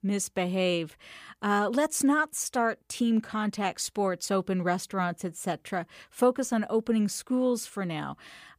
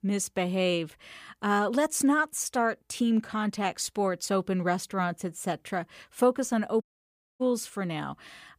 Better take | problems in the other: first | audio cutting out; at 7 s for 0.5 s

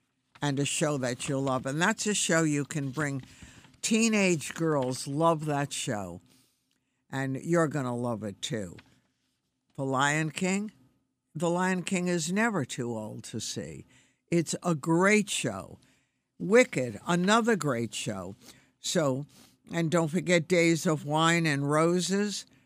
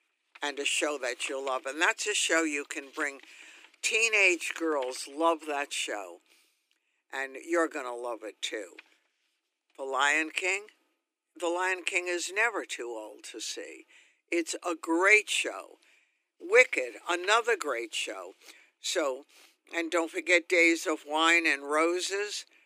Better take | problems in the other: first | thin; very; fading below 300 Hz

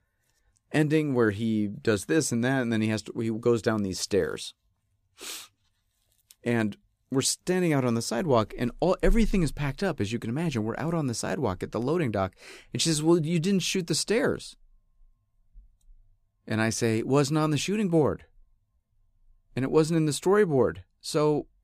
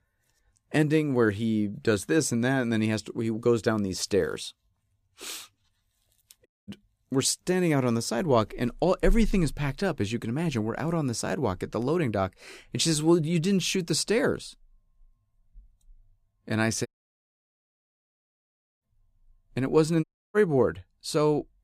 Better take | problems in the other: first | audio cutting out; at 6.5 s, at 17 s for 2 s and at 20 s

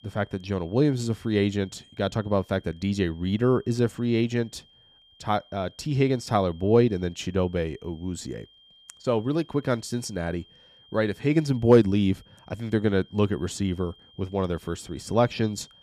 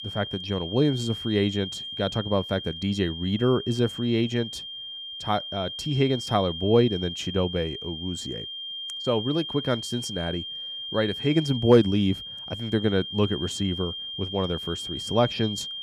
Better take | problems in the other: first | high-pitched whine; loud; throughout; 3 kHz, 7 dB below the speech; faint in the first

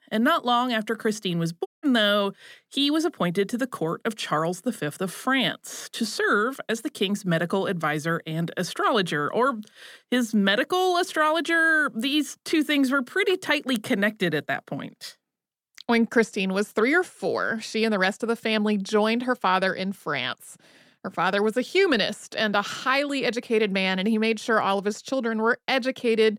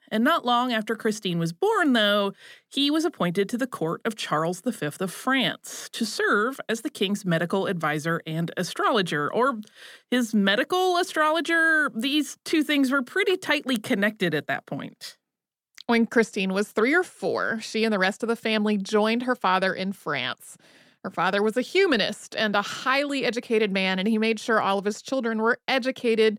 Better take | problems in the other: second | audio cutting out; at 1.5 s

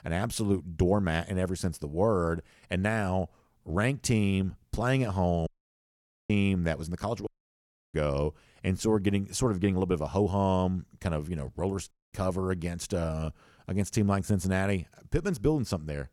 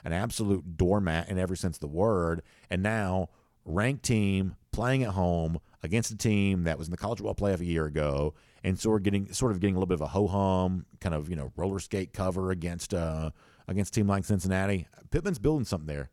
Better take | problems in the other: second | audio cutting out; at 5.5 s for 1 s, at 7.5 s for 0.5 s and at 12 s

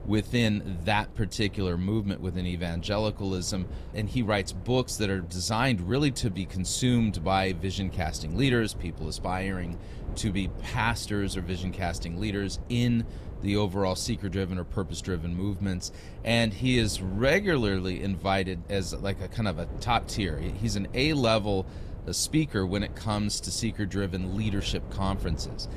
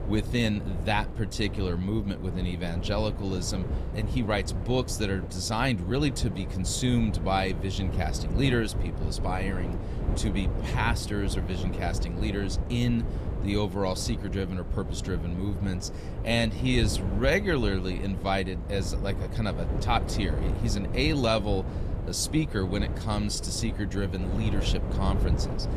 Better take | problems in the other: first | wind noise on the microphone; heavy; 10 dB below the speech; occasional gusts in the first

